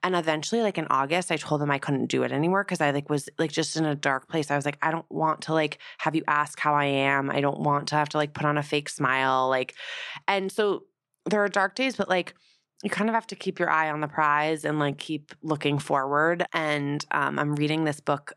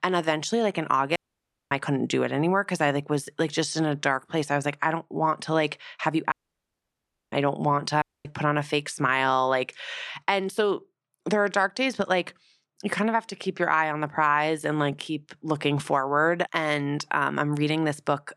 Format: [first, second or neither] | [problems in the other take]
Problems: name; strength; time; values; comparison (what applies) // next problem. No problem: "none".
first | audio cutting out; at 1 s for 0.5 s, at 6.5 s for 1 s and at 8 s